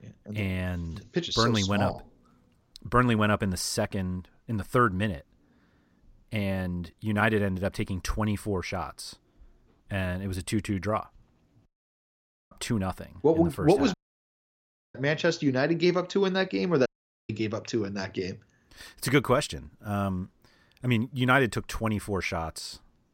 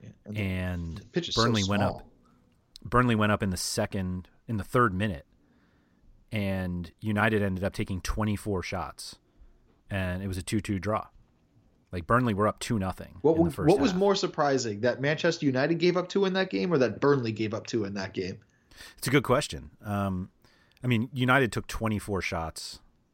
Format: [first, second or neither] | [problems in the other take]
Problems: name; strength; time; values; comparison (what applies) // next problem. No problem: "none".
second | audio cutting out; at 12 s for 1 s, at 14 s for 1 s and at 17 s